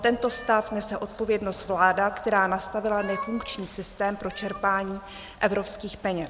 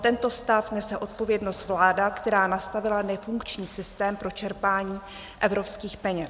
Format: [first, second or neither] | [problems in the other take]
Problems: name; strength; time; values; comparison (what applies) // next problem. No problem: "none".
second | background sound (Meow); 18 dB below the speech